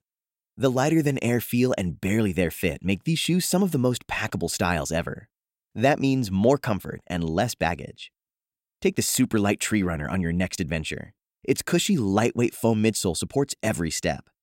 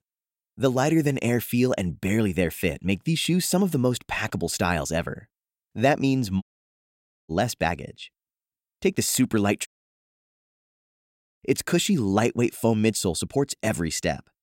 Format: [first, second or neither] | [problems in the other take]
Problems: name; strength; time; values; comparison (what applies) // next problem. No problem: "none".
first | audio cutting out; at 6.5 s for 1 s and at 9.5 s for 1.5 s